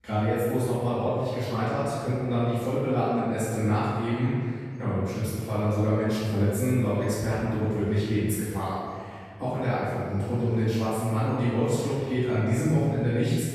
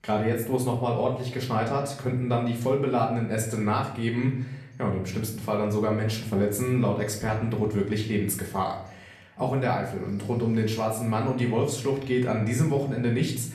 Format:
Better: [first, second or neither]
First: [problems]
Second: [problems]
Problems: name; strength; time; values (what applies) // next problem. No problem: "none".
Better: second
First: room echo; strong; dies away in 1.8 s // off-mic speech; far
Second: room echo; slight; dies away in 0.6 s // off-mic speech; far